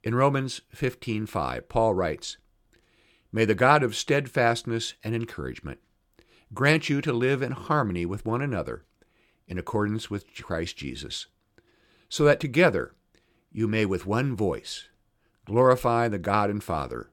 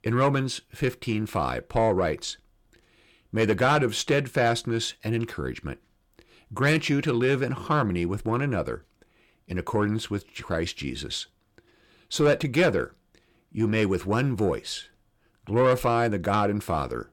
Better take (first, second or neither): first